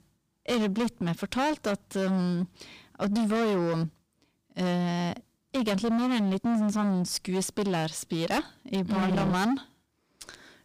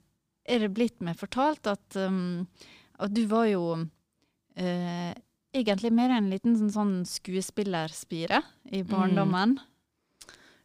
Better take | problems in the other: second | distortion; heavy; 20% of the sound clipped

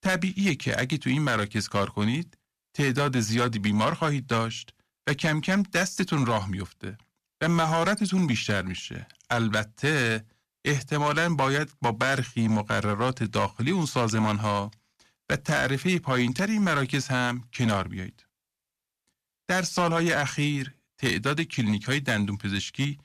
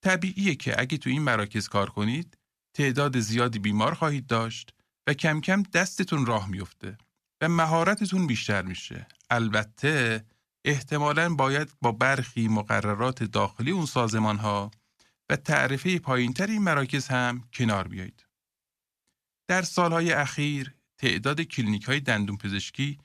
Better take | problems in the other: second | distortion; slight; 6% of the sound clipped

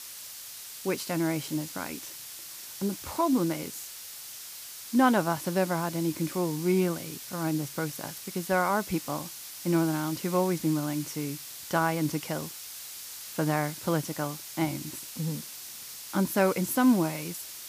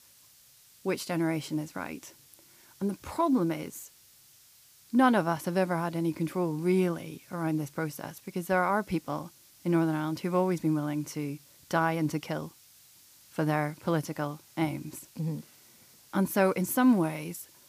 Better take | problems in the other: second | hiss; loud; throughout; 10 dB below the speech; faint in the second

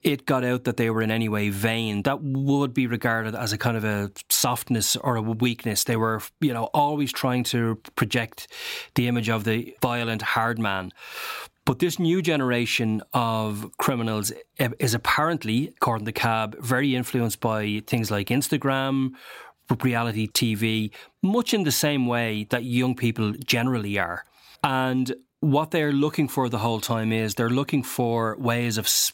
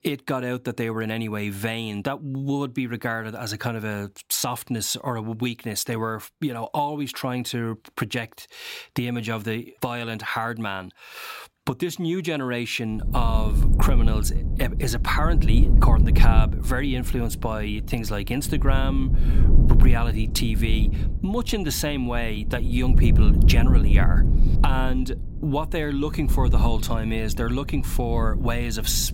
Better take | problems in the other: first | low rumble; loud; from 13 s on; 9 dB below the speech

